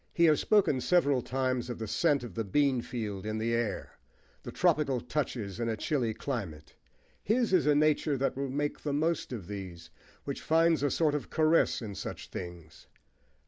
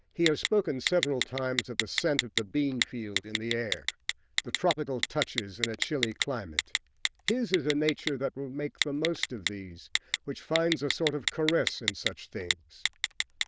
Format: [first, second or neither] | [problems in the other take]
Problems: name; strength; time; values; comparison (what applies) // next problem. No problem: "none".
first | noise reduction (neural diffusion model UNIVERSE++)